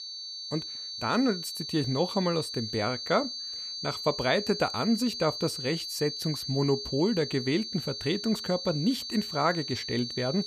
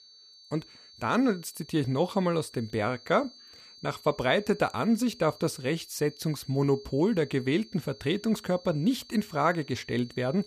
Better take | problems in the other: second | high-pitched whine; loud; throughout; 4.5 kHz, 5 dB below the speech; faint in the second

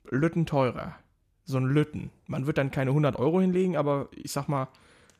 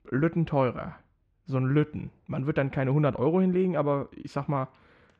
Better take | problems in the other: first | muffled; slightly; fading above 2.5 kHz

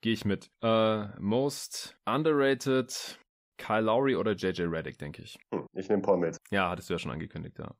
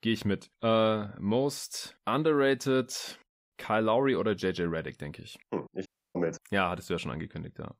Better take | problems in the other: first | audio cutting out; at 6 s

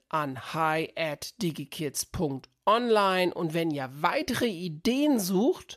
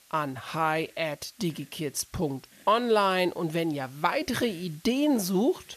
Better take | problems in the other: first | hiss; faint; throughout; 25 dB below the speech

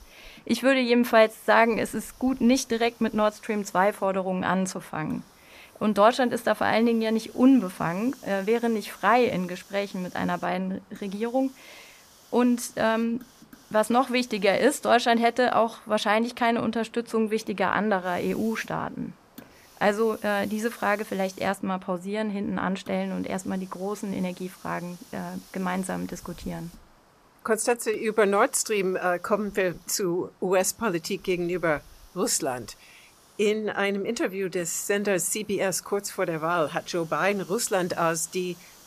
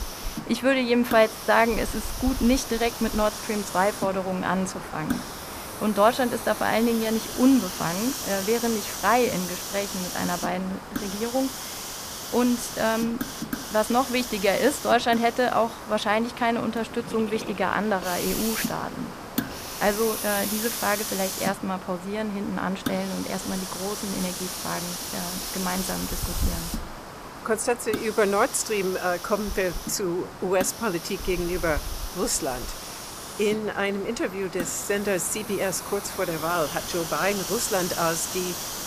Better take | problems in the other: first | hiss; loud; throughout; 7 dB below the speech; faint in the first

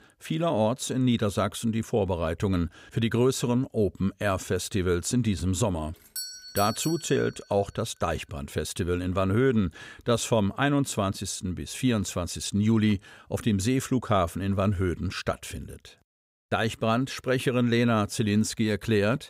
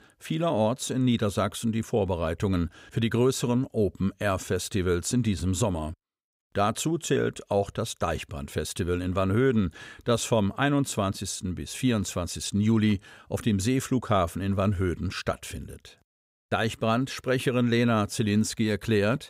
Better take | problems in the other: second | doorbell; noticeable; from 6 to 7 s; peak 7 dB below the speech

